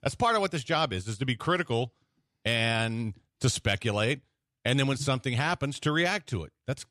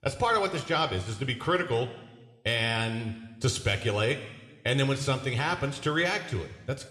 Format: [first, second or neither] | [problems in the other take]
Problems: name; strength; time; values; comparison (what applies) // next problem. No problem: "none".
first | room echo; slight; dies away in 1.2 s